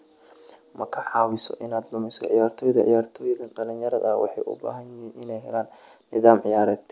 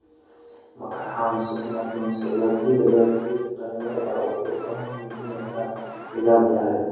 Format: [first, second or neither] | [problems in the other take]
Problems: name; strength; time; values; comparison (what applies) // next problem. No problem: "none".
first | background sound (Alarm); 14 dB below the speech // room echo; dies away in 1.3 s